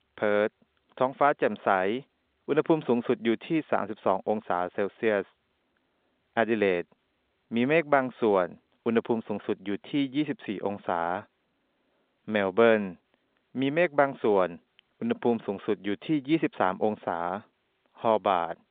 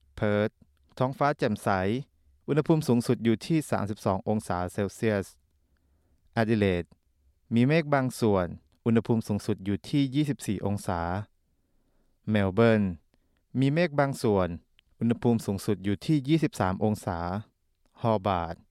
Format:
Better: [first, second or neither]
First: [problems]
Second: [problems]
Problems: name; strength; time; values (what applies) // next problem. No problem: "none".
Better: second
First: phone-call audio; nothing above 3.5 kHz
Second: none